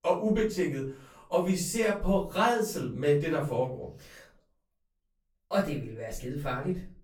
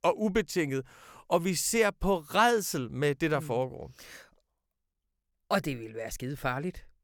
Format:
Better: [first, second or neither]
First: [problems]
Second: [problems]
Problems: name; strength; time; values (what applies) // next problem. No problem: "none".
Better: second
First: off-mic speech; far // room echo; slight; dies away in 0.3 s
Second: none